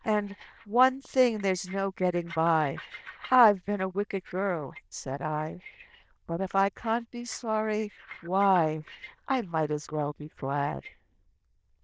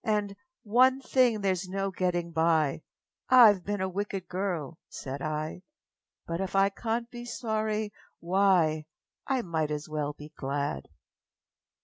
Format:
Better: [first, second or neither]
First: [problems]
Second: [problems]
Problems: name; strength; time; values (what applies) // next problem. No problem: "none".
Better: second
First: noise reduction (neural diffusion model UNIVERSE++)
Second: none